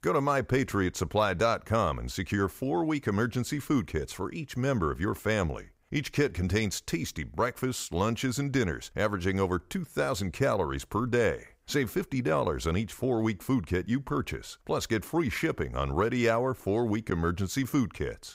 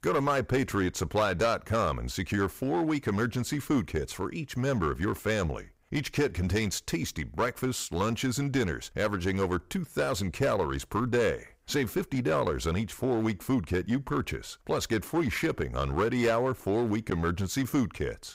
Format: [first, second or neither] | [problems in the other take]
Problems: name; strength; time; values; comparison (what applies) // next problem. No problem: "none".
first | distortion; slight; 5% of the sound clipped